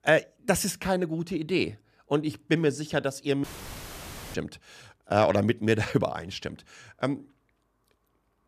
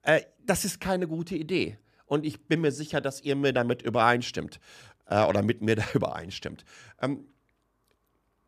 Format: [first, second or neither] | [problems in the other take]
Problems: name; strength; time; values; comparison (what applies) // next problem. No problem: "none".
second | audio cutting out; filled with static; at 3.5 s for 1 s